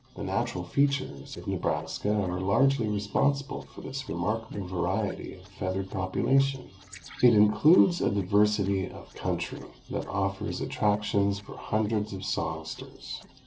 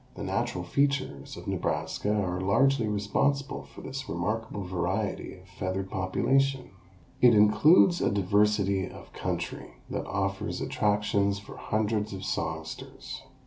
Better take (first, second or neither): second